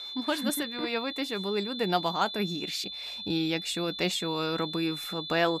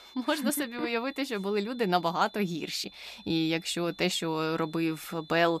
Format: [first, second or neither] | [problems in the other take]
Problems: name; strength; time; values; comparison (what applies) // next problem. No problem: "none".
second | high-pitched whine; loud; throughout; 3.5 kHz, 5 dB below the speech; faint in the second